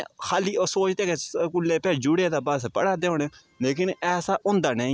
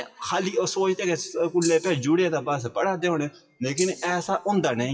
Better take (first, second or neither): first